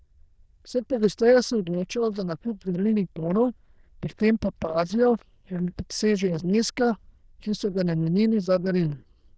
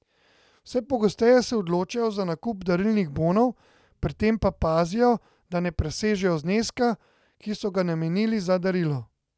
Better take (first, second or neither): second